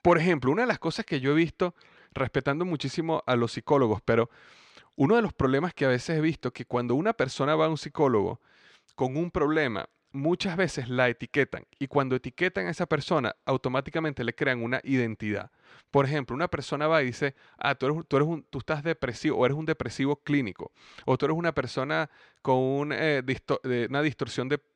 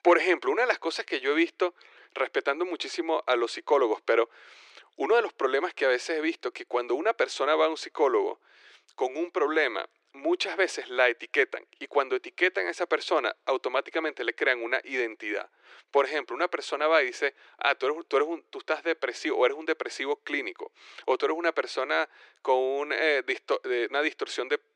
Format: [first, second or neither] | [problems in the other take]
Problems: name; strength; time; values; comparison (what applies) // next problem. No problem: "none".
first | thin; very; fading below 350 Hz